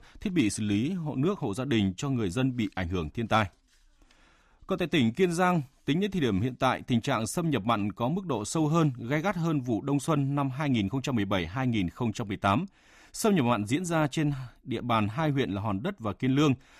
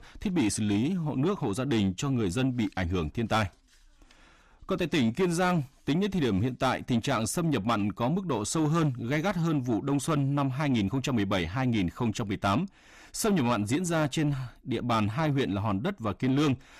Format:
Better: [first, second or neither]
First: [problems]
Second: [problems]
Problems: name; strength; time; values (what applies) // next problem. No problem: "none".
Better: first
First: none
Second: distortion; slight; 10 dB below the speech